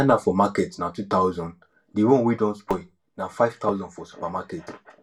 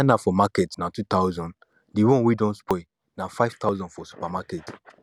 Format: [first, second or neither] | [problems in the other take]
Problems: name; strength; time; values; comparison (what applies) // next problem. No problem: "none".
second | room echo; dies away in 0.2 s